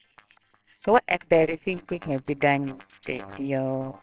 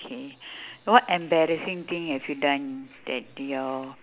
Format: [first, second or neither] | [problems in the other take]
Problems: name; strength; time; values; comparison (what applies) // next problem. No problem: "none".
second | noise reduction (neural separator model SepFormer WHAMR!)